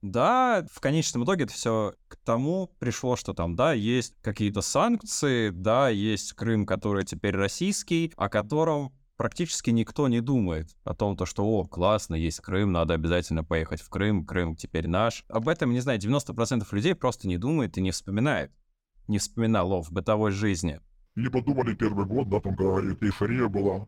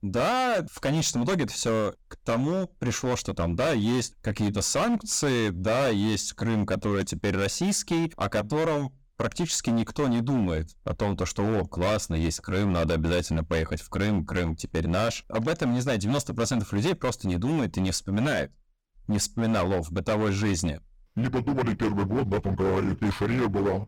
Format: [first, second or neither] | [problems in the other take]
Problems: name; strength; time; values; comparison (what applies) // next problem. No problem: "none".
first | distortion; heavy; 18% of the sound clipped